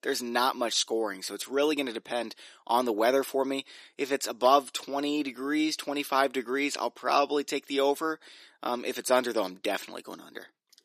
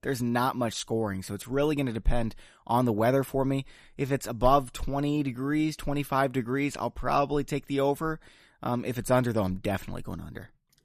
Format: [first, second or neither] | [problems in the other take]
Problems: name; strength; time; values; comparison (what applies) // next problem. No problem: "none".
second | thin; very slightly; fading below 300 Hz